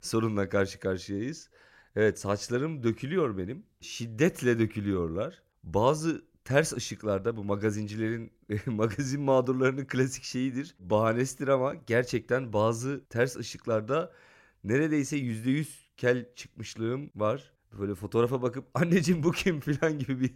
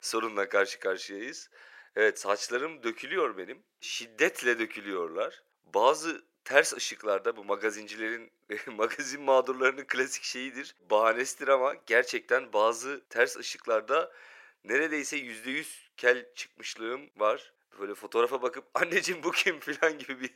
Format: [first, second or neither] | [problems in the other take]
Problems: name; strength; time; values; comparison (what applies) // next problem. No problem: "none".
first | thin; very; fading below 450 Hz